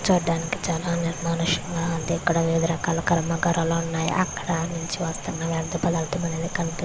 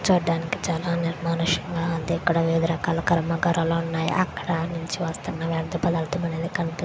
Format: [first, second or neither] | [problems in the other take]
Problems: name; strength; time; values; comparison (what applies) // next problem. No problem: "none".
second | background sound (Cricket); 12 dB below the speech